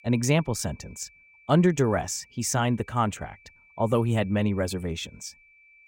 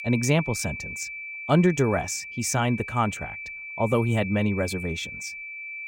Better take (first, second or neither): first